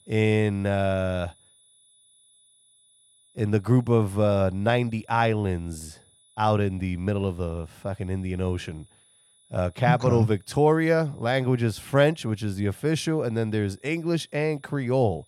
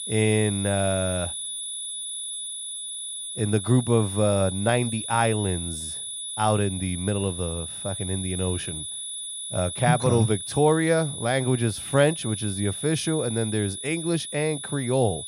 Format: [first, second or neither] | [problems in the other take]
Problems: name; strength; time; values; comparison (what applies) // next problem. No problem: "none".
first | high-pitched whine; loud; throughout; 10 kHz, 6 dB below the speech; faint in the first